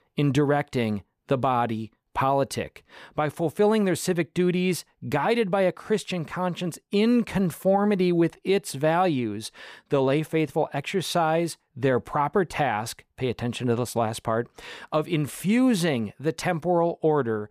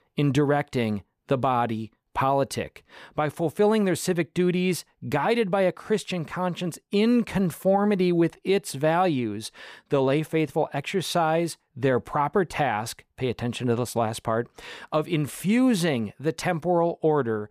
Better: neither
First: none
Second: none

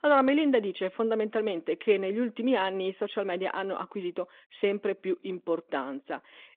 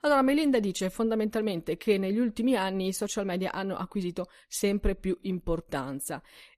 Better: second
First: phone-call audio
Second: none

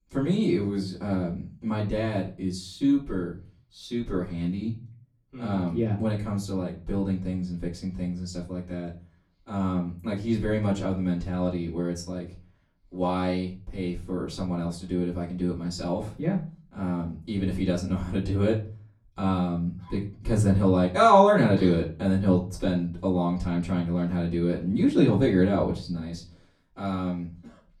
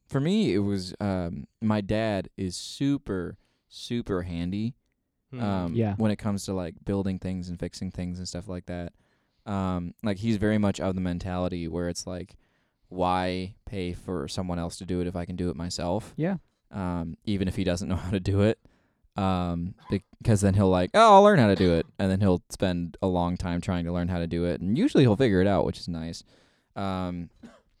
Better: second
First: off-mic speech; far // room echo; very slight; dies away in 0.3 s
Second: none

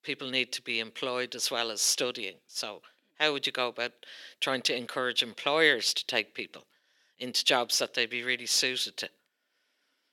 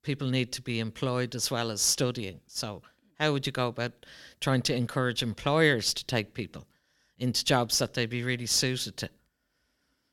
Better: second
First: thin; somewhat; fading below 400 Hz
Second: none

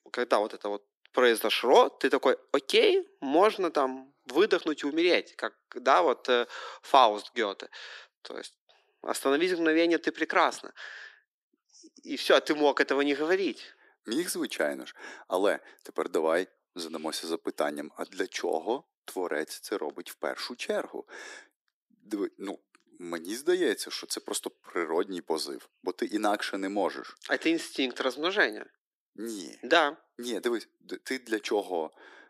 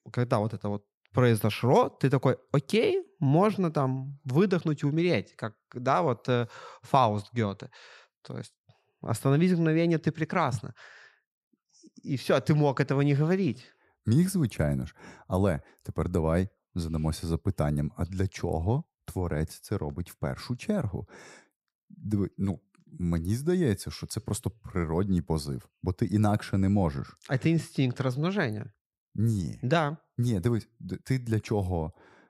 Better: second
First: thin; very; fading below 300 Hz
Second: none

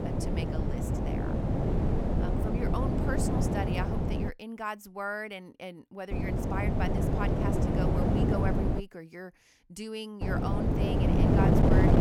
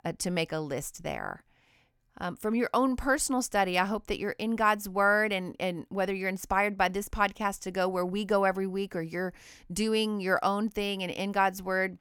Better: second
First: wind noise on the microphone; heavy; until 4.5 s, from 6 to 9 s and from 10 s on; 4 dB above the speech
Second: none

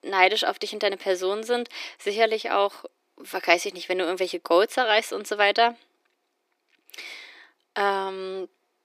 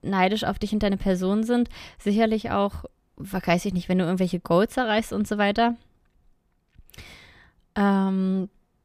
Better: second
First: thin; very; fading below 300 Hz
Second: none

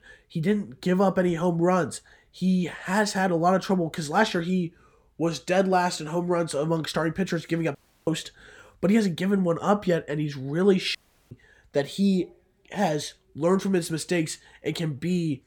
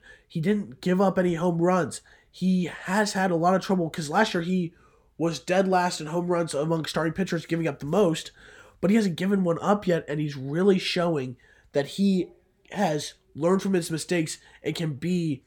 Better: second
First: audio cutting out; at 8 s and at 11 s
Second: none

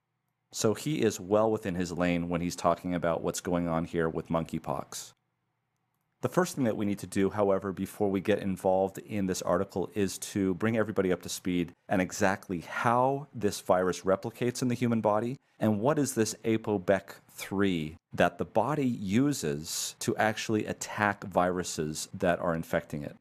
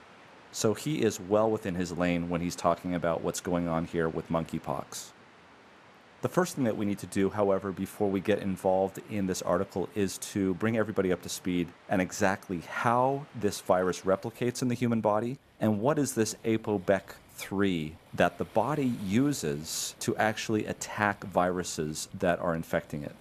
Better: first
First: none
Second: rain or running water; faint; throughout; 25 dB below the speech

